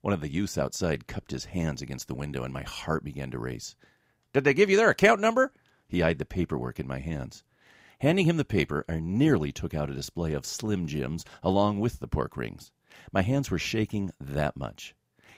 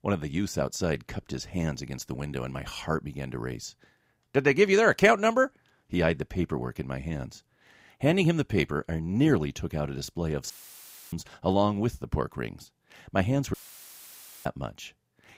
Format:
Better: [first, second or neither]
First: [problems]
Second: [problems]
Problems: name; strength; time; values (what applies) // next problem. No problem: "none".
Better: first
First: none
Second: audio cutting out; filled with static; at 11 s for 0.5 s and at 14 s for 1 s